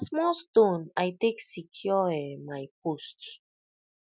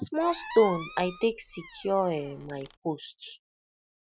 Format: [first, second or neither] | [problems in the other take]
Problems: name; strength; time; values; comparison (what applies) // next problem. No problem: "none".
first | background sound (Squeak); 13 dB below the speech